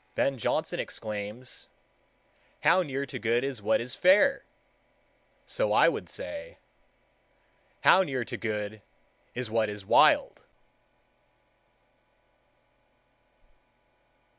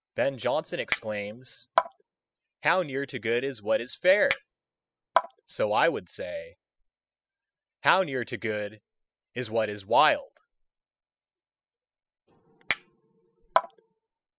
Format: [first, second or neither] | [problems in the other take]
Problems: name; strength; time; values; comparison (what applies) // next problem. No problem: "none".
first | noise reduction (classical method spectral subtraction)